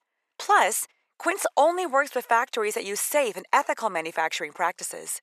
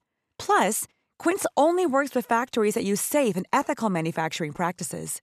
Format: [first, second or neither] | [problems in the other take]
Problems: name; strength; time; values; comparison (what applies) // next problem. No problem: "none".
second | thin; very; fading below 600 Hz